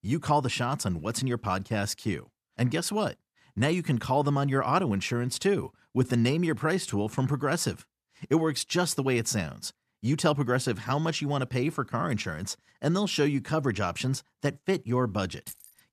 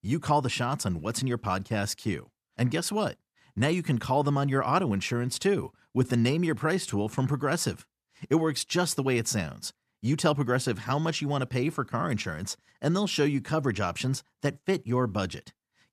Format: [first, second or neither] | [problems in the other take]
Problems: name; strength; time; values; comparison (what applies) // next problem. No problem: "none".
second | jangling keys; faint; at 15 s; peak 15 dB below the speech